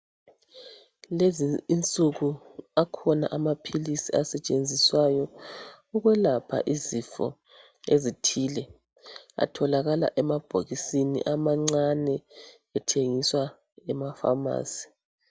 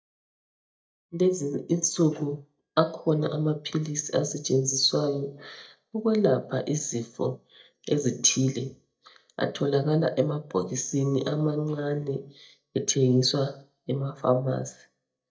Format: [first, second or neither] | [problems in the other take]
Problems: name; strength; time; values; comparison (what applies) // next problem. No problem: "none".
first | noise reduction (neural mask model DeepFilterNet 3)